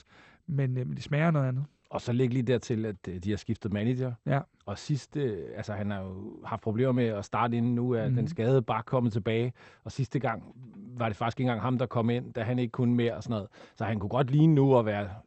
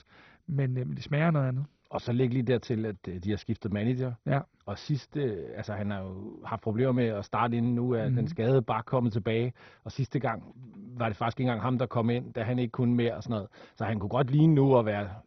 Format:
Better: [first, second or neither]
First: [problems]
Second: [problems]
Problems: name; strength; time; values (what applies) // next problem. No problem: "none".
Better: first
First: garbled, watery; slightly; nothing above 7.5 kHz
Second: garbled, watery; badly; nothing above 6 kHz